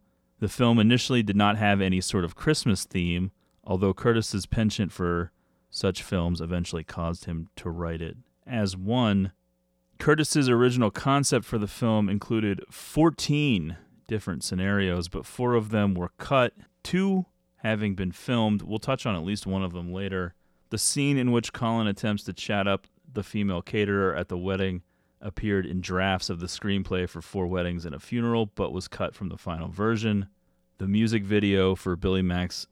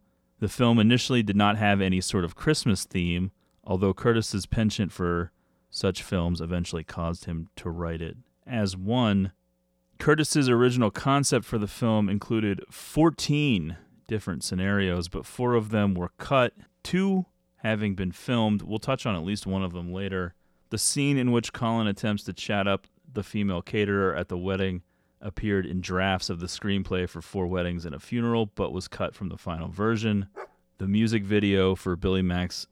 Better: first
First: none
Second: dog barking; faint; at 30 s; peak 20 dB below the speech

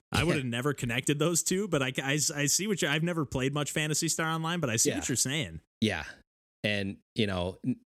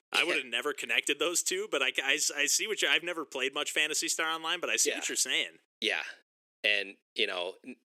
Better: first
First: none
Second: thin; very; fading below 400 Hz

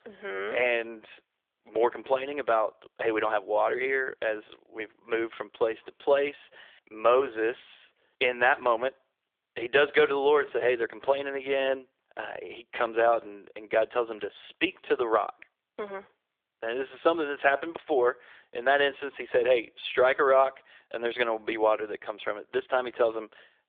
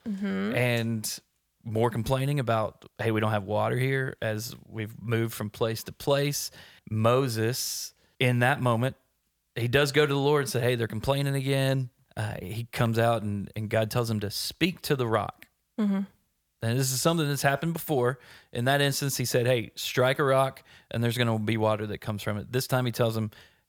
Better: second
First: phone-call audio; nothing above 3.5 kHz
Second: none

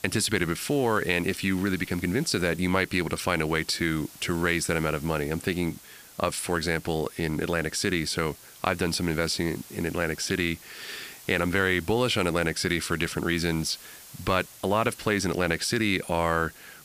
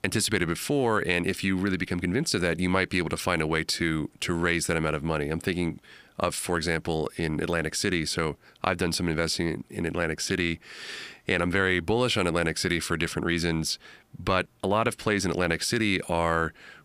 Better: second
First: hiss; noticeable; throughout; 20 dB below the speech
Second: none

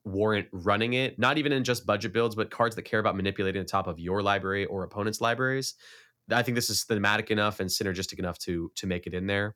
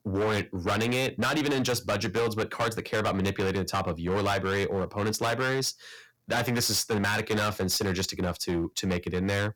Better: first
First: none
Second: distortion; heavy; 18% of the sound clipped

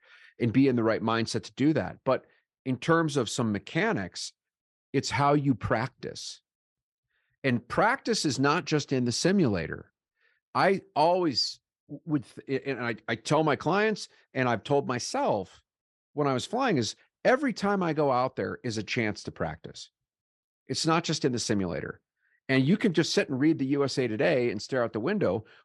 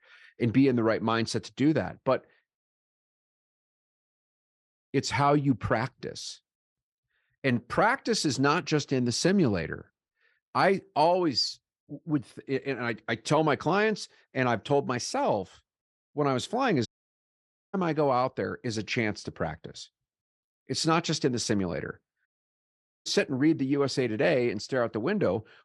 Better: first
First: none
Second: audio cutting out; at 2.5 s for 2 s, at 17 s for 1 s and at 22 s for 1 s

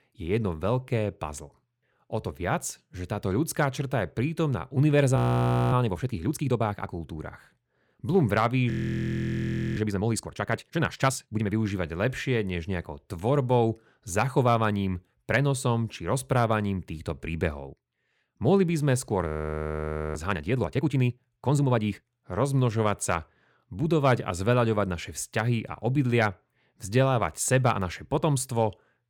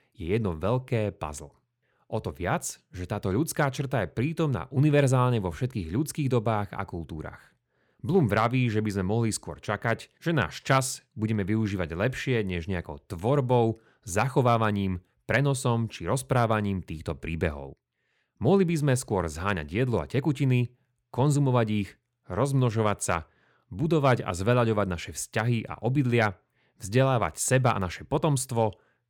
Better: second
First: audio freezing; at 5 s for 0.5 s, at 8.5 s for 1 s and at 19 s for 1 s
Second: none

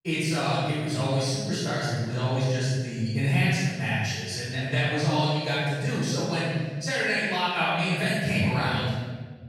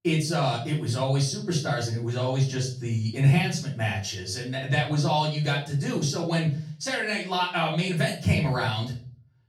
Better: second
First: room echo; strong; dies away in 1.3 s // off-mic speech; far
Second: room echo; slight; dies away in 0.4 s // off-mic speech; far

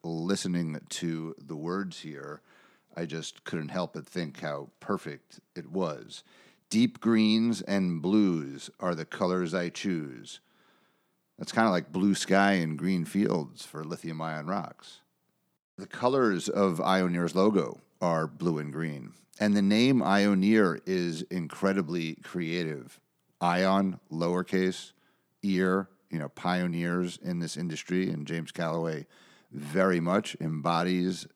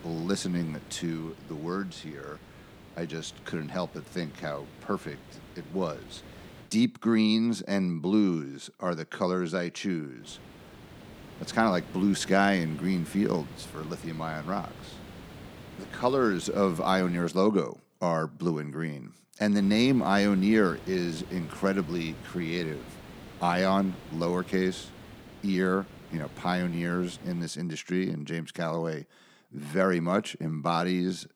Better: first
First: none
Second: hiss; noticeable; until 6.5 s, from 10 to 17 s and from 20 to 27 s; 20 dB below the speech

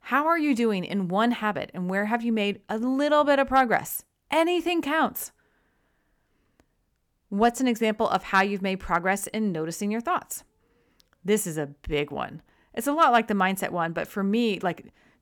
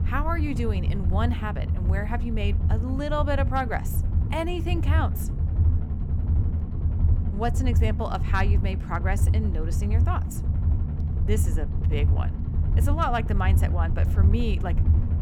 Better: first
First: none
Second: low rumble; loud; throughout; 9 dB below the speech

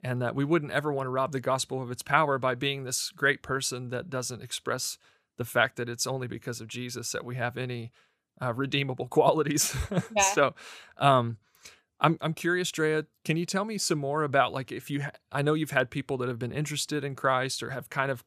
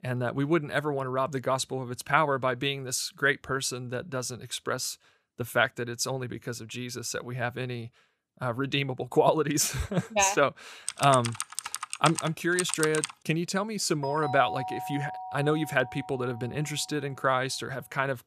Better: first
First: none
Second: keyboard typing; noticeable; from 11 to 13 s; peak 2 dB below the speech // doorbell; noticeable; from 14 to 17 s; peak 6 dB below the speech

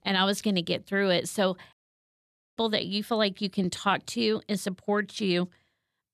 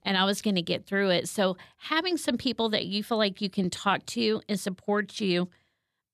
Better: second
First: audio cutting out; at 1.5 s for 1 s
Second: none

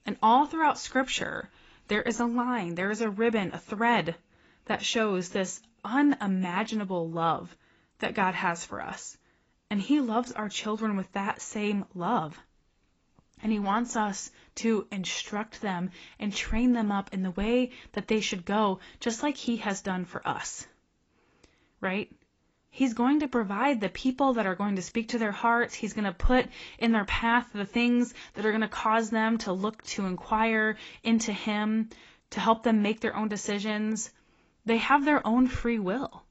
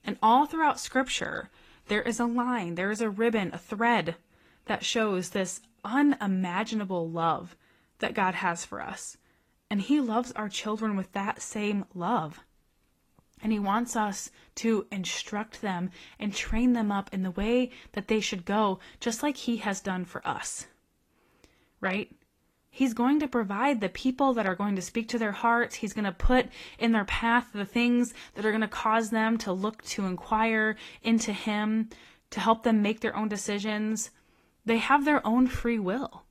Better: second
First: garbled, watery; badly; nothing above 7.5 kHz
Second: garbled, watery; slightly

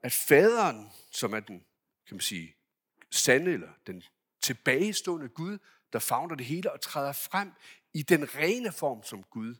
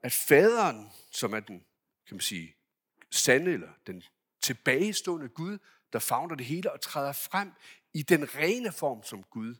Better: neither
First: none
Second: none

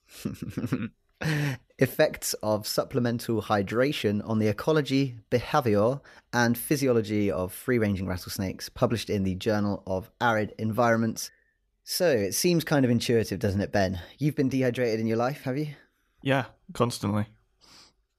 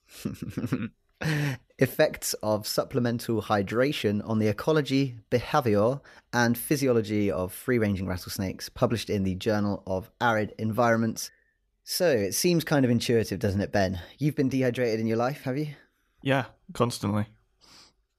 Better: neither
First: none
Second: none

